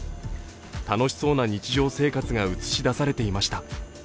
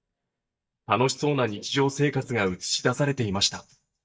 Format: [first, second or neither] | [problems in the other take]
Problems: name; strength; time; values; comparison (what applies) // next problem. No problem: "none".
first | noise reduction (neural mask model DeepFilterNet 3)